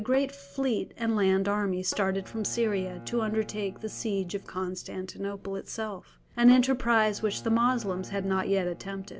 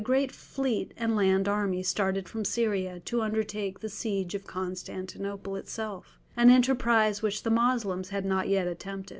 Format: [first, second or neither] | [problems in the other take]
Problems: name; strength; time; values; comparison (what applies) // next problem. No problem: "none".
second | background sound (Tabla + Bowed string instrument); 19 dB below the speech